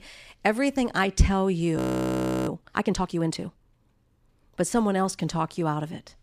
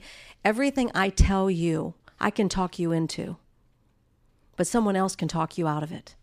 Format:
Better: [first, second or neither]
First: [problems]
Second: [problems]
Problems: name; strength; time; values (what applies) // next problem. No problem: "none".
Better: second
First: audio freezing; at 2 s for 0.5 s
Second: none